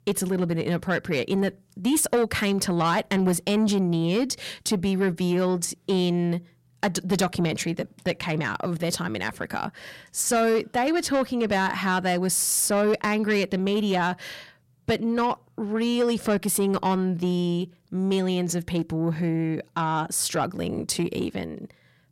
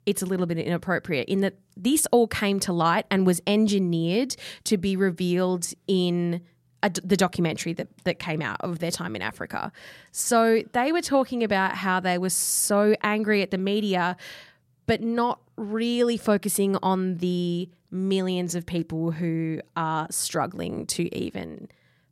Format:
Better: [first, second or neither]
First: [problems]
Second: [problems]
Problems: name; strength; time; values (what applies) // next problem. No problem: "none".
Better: second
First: distortion; slight; 10 dB below the speech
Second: none